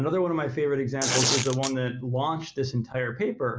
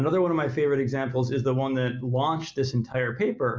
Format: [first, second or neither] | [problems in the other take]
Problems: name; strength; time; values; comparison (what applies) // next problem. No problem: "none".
second | background sound (Tearing); as loud as the speech